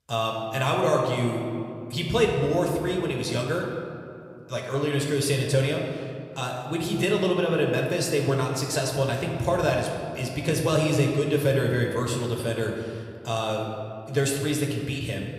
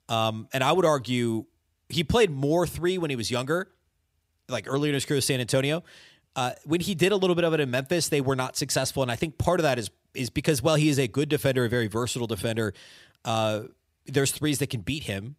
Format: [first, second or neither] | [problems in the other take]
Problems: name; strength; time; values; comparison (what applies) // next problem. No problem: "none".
second | room echo; noticeable; dies away in 1.9 s // off-mic speech; somewhat distant